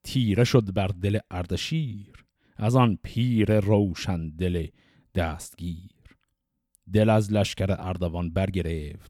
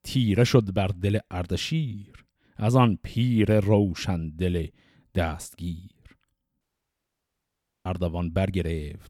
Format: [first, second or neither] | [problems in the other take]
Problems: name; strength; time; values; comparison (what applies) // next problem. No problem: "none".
first | audio cutting out; at 6.5 s for 1 s